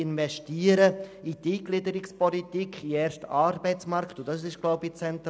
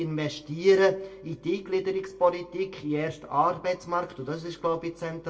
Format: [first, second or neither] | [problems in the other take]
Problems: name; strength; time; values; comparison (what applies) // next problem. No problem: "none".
first | room echo; dies away in 0.2 s